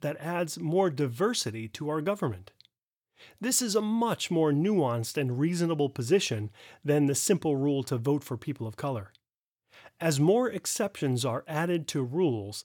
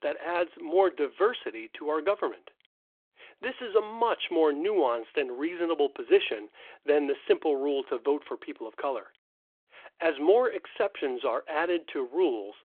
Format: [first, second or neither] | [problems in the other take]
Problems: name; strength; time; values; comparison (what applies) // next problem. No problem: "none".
first | phone-call audio